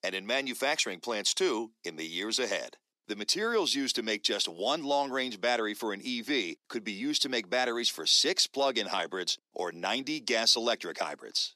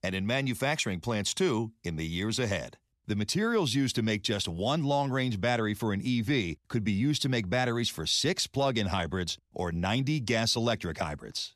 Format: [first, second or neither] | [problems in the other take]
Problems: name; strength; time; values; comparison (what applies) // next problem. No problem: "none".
second | thin; somewhat; fading below 300 Hz